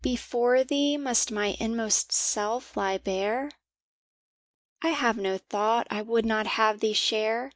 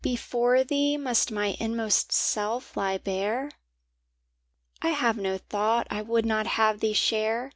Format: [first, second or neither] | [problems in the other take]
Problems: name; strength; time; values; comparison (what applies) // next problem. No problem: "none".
second | noise reduction (neural mask model Resemble Enhance denoiser)